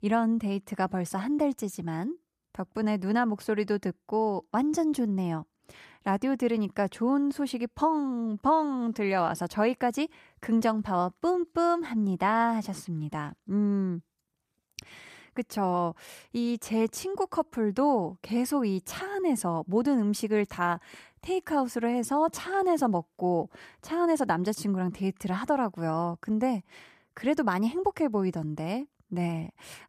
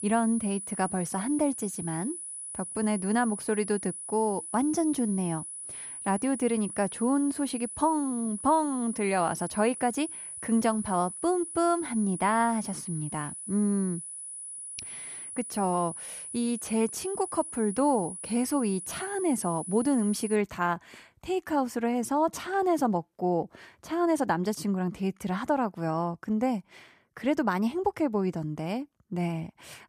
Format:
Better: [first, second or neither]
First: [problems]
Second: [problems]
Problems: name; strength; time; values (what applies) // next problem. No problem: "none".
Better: first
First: none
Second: high-pitched whine; loud; until 20 s; 10 kHz, 8 dB below the speech